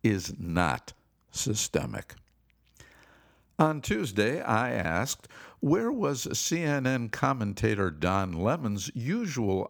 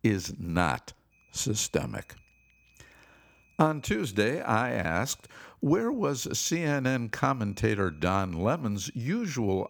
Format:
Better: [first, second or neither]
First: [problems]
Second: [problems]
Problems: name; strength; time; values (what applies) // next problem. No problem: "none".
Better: first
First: none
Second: high-pitched whine; faint; from 1 to 5.5 s and from 7 s on; 2.5 kHz, 35 dB below the speech